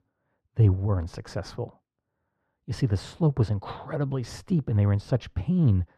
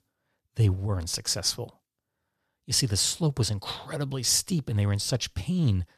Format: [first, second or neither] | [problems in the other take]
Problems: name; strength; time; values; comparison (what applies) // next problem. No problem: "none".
second | muffled; very; fading above 3 kHz